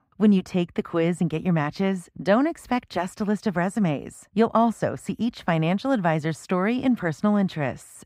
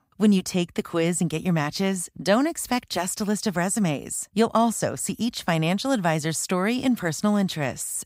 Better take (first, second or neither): second